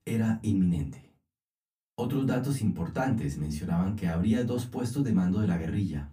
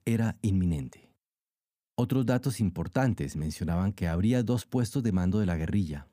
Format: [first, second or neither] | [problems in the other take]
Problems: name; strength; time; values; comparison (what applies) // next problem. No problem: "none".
second | off-mic speech; far // room echo; very slight; dies away in 0.2 s